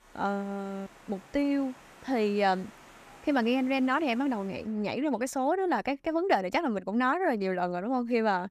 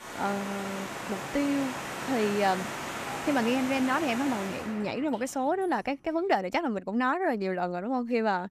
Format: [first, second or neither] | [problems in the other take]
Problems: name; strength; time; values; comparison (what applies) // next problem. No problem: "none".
first | rain or running water; loud; until 6 s; 6 dB below the speech; faint in the first